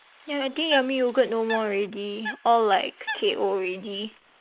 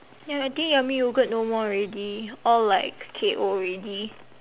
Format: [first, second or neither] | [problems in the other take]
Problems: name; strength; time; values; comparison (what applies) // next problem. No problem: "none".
second | noise reduction (neural mask model Resemble Enhance denoiser)